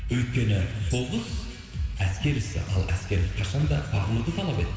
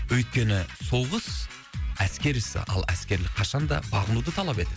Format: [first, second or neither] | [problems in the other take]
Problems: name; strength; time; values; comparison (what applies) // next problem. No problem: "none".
second | background sound (Tambourine); 19 dB below the speech // room echo; dies away in 2.2 s